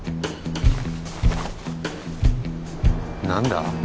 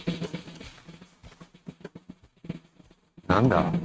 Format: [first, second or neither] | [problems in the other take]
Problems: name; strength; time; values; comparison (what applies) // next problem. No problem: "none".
first | noise reduction (neural mask model RNNoise)